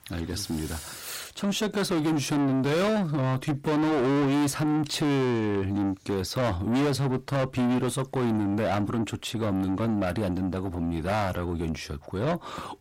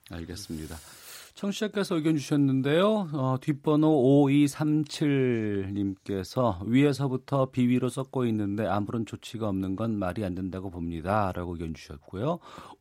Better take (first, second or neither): second